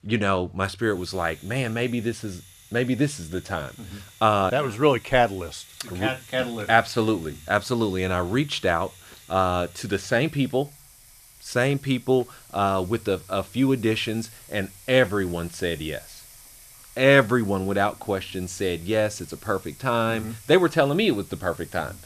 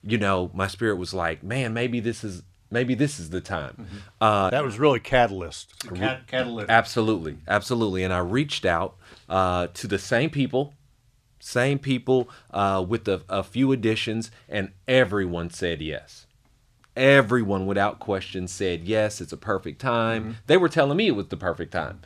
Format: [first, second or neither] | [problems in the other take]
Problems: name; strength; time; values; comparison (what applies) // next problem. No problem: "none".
second | household noises; faint; throughout; 20 dB below the speech